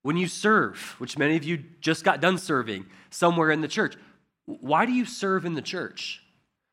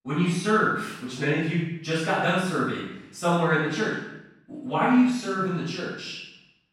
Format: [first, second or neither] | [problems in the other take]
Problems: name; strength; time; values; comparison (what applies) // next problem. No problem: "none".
first | off-mic speech; far // room echo; strong; dies away in 0.7 s